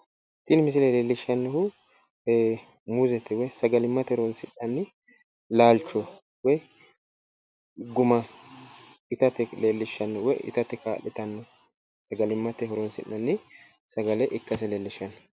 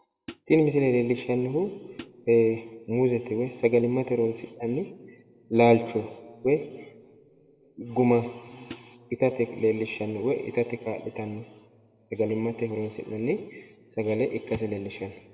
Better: first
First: none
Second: background sound (Hi-hat); 17 dB below the speech // room echo; dies away in 1.3 s

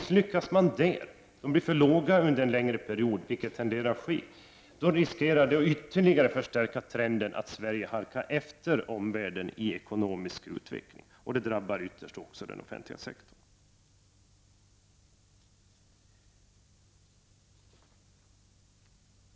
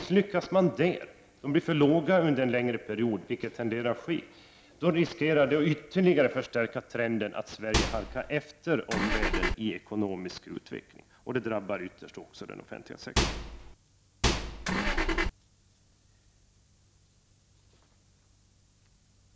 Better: first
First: none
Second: background sound (Microwave oven + Engine / Car); 2 dB above the speech

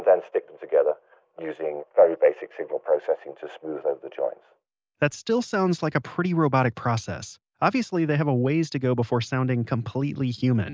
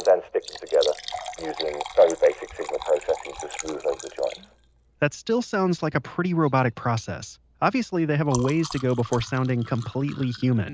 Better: first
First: none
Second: background sound (Liquid); 15 dB below the speech

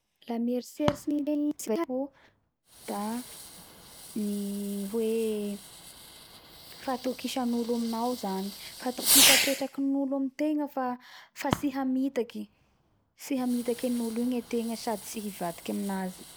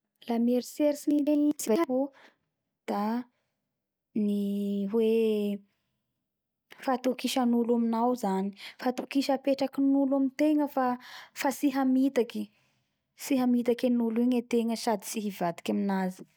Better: second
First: background sound (Fireworks); 3 dB below the speech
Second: none

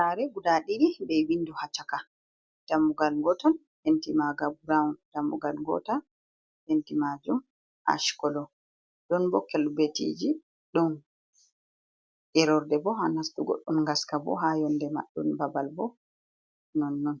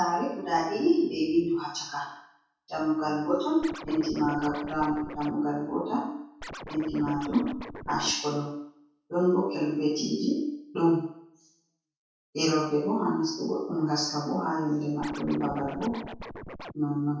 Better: first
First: none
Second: background sound (Scratching (performance technique)); 12 dB below the speech // room echo; dies away in 0.6 s

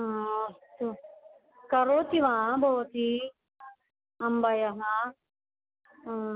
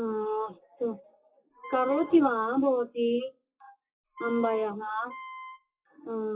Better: first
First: none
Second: noise reduction (classical method WPE with log-MMSE)

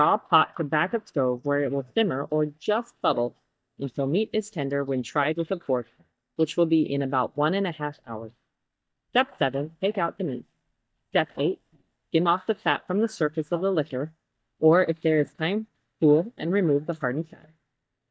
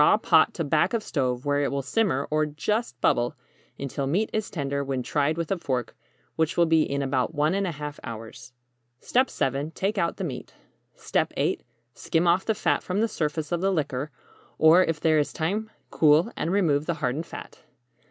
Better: second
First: noise reduction (neural mask model DeepFilterNet 3)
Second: none

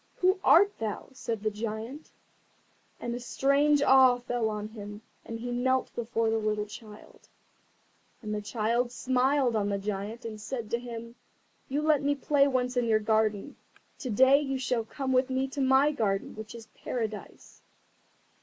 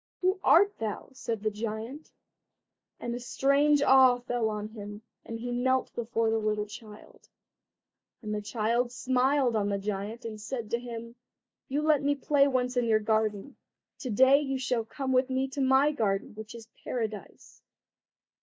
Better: first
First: none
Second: noise reduction (neural mask model DeepFilterNet 3)

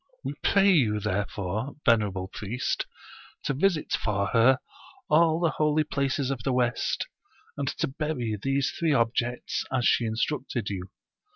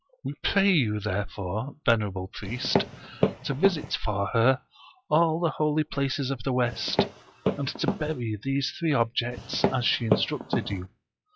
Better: first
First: none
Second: noise reduction (classical method log-MMSE)

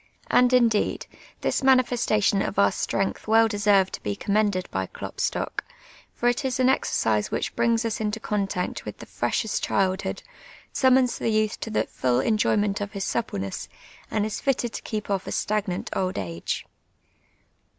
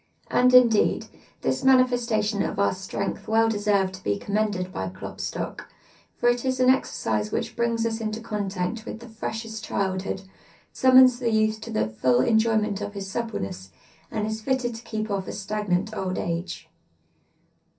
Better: first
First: none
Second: room echo; dies away in 0.3 s

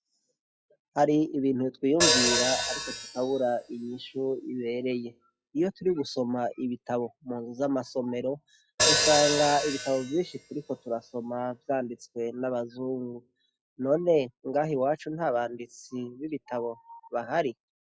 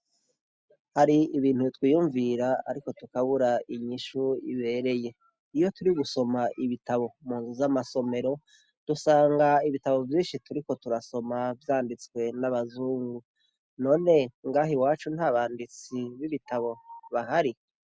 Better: second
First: noise reduction (classical method log-MMSE)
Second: none

